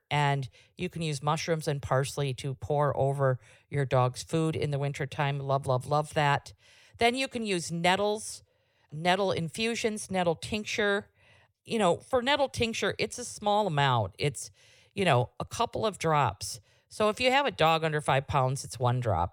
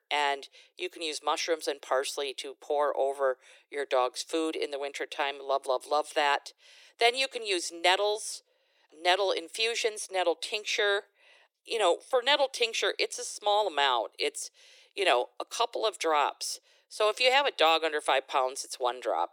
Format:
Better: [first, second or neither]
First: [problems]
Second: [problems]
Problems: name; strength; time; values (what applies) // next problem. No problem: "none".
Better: first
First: none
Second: thin; very; fading below 300 Hz